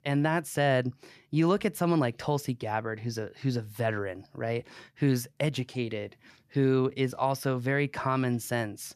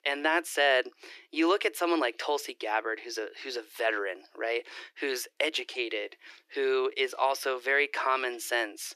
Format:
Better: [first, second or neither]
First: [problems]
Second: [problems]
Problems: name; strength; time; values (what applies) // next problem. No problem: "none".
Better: first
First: none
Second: thin; very; fading below 300 Hz